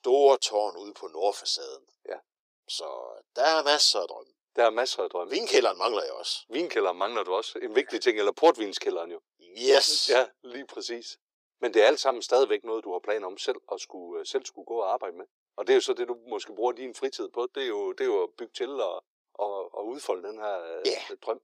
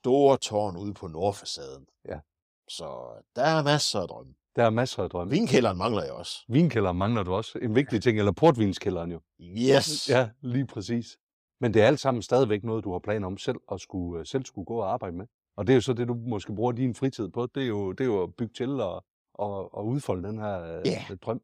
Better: second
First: thin; very; fading below 350 Hz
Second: none

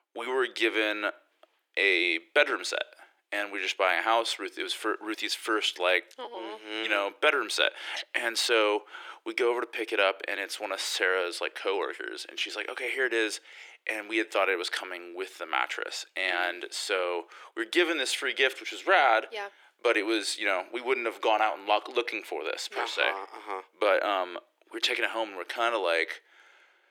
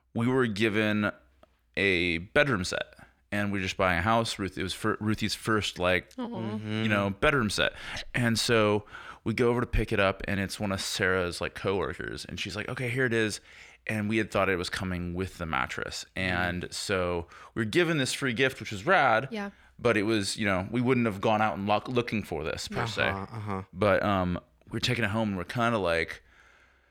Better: second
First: thin; very; fading below 350 Hz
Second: none

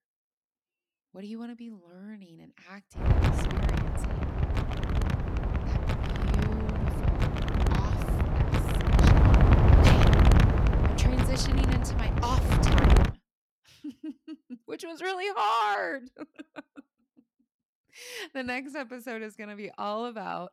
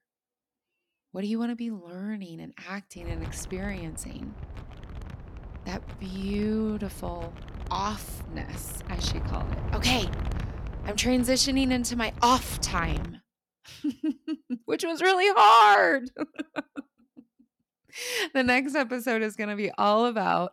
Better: second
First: wind noise on the microphone; heavy; from 3 to 13 s; 1 dB above the speech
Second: wind noise on the microphone; occasional gusts; from 3 to 13 s; 20 dB below the speech

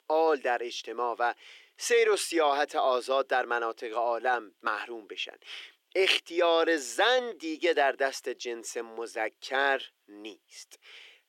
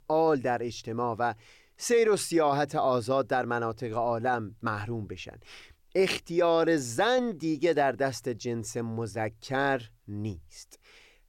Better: second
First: thin; very; fading below 350 Hz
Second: none

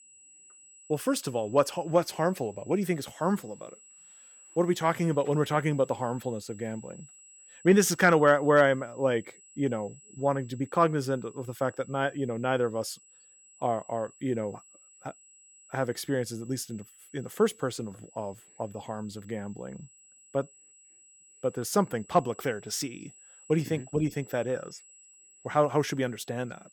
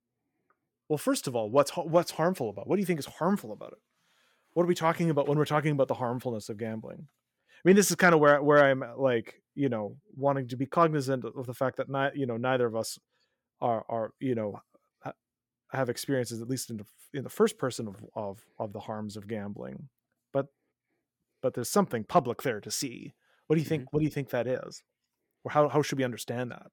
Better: second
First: high-pitched whine; faint; throughout; 8 kHz, 25 dB below the speech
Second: none

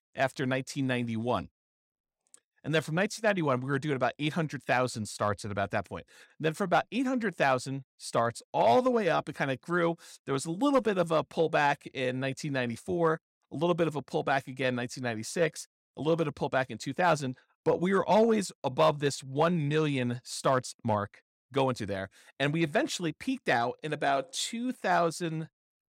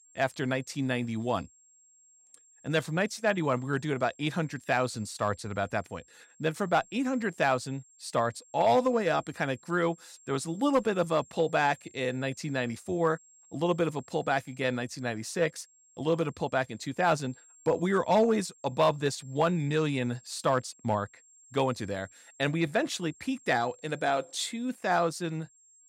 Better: first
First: none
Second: high-pitched whine; faint; throughout; 7.5 kHz, 25 dB below the speech

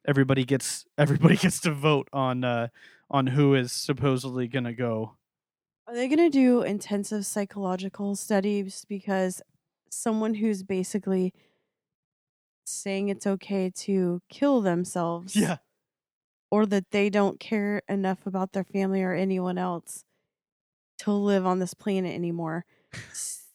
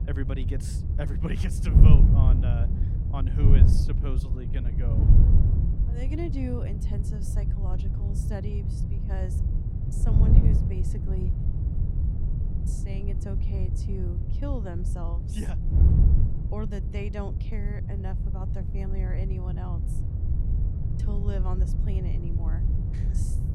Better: first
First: none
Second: wind noise on the microphone; heavy; 1 dB above the speech

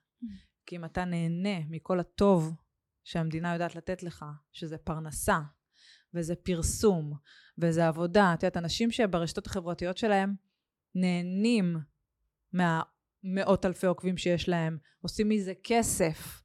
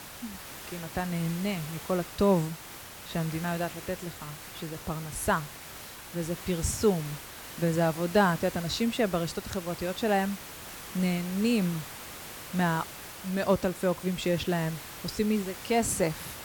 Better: first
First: none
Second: hiss; noticeable; throughout; 10 dB below the speech

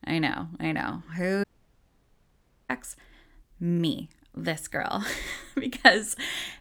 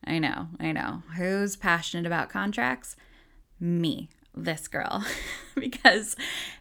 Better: second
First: audio cutting out; at 1.5 s for 1.5 s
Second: none

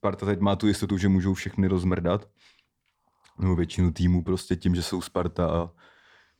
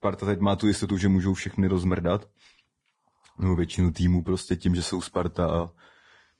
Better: first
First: none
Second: garbled, watery; badly

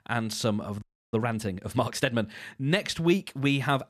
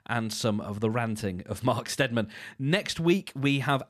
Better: second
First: audio freezing; at 1 s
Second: none

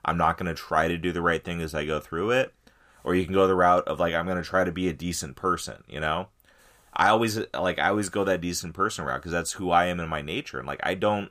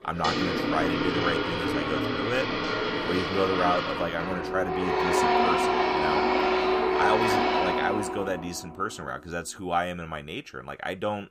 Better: first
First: none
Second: household noises; very loud; until 7.5 s; 5 dB above the speech

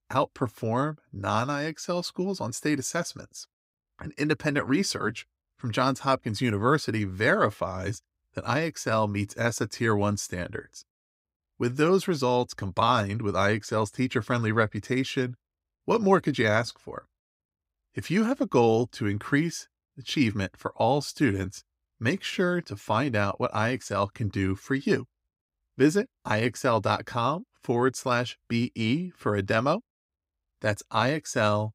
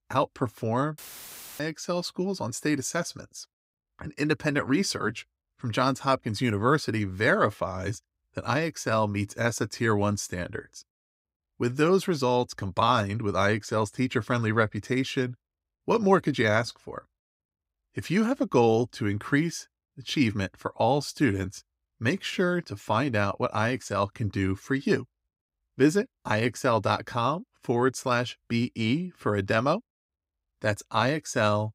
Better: first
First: none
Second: audio cutting out; filled with static; at 1 s for 0.5 s

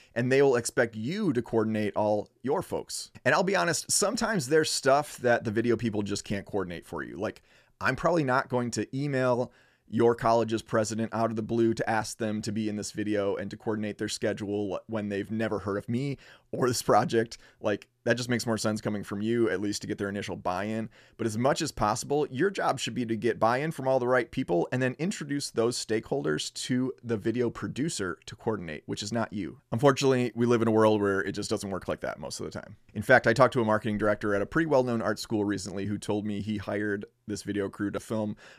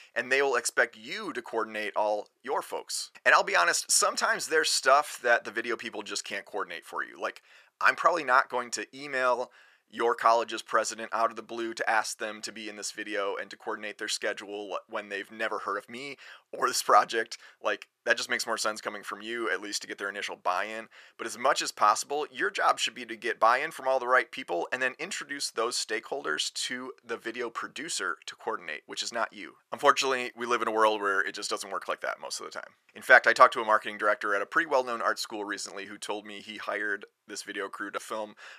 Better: first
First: none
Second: thin; very; fading below 650 Hz

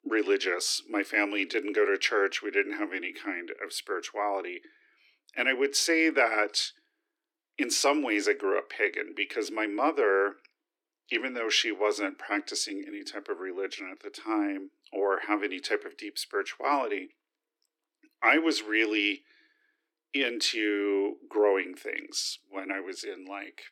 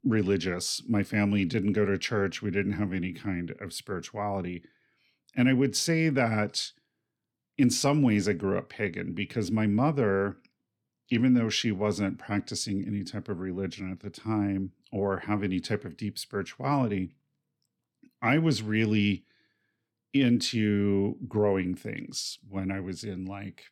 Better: second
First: thin; very; fading below 300 Hz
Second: none

